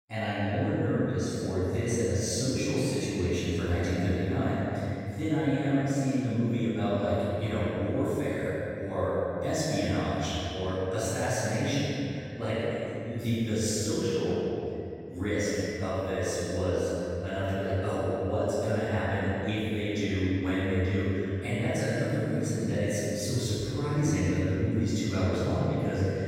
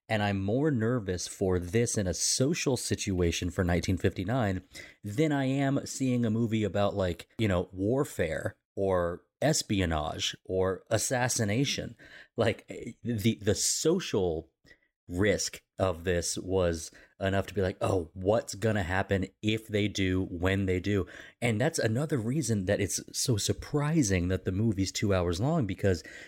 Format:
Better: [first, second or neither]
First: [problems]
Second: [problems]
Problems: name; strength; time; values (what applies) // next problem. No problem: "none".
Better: second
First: off-mic speech; far // room echo; strong; dies away in 2.5 s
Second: none